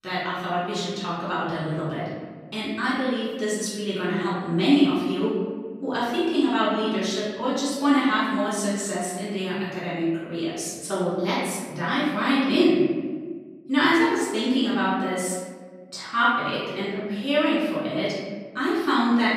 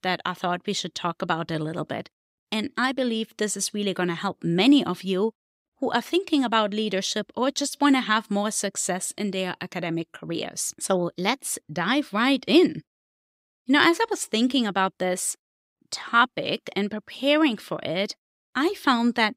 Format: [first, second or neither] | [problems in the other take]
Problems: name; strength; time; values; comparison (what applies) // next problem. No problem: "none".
second | off-mic speech; far // room echo; strong; dies away in 1.4 s